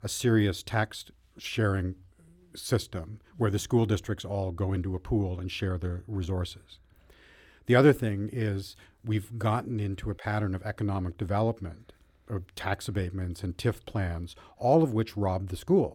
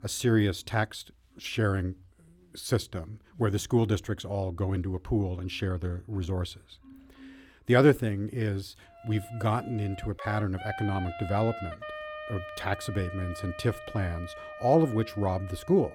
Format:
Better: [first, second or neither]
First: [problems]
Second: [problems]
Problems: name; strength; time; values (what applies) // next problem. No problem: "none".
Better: first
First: none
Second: background music; noticeable; throughout; 15 dB below the speech